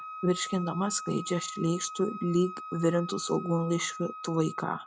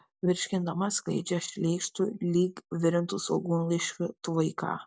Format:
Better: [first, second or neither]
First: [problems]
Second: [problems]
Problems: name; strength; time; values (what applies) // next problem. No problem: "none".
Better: second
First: background sound (Wind instrument, woodwind instrument); 12 dB below the speech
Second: none